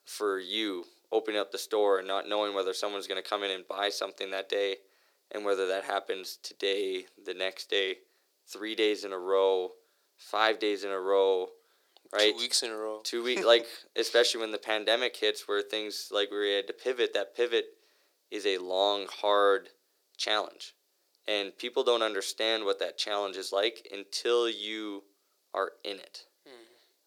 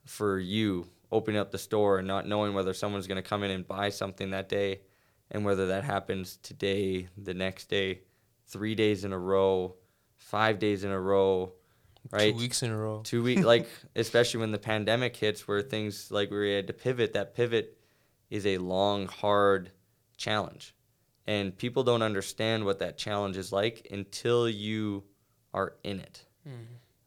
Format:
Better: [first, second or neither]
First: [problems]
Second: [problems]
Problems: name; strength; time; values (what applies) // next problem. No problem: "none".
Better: second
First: thin; very; fading below 350 Hz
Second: none